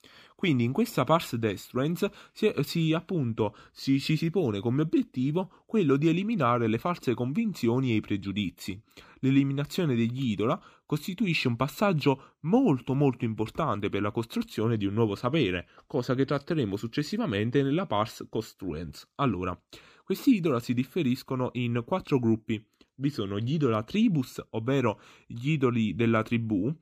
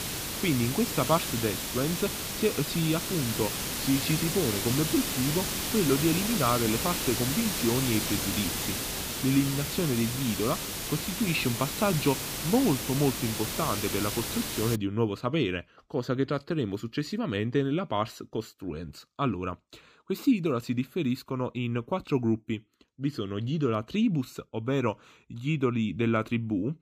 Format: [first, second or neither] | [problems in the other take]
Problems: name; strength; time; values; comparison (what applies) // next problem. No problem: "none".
first | hiss; loud; until 15 s; 1 dB below the speech